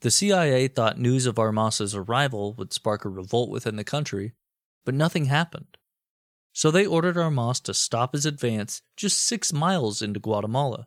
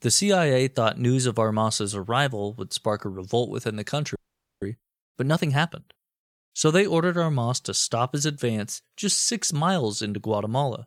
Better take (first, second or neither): first